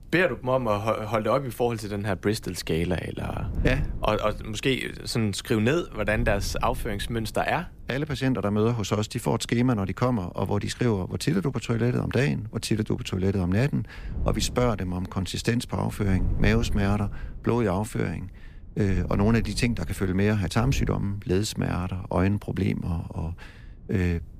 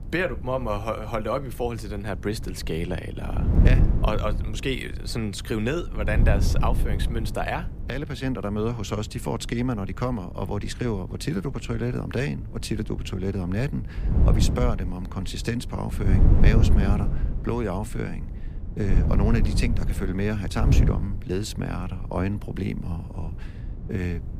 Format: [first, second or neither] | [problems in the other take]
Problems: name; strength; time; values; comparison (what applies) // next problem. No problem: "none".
first | wind noise on the microphone; heavy; 8 dB below the speech; occasional gusts in the first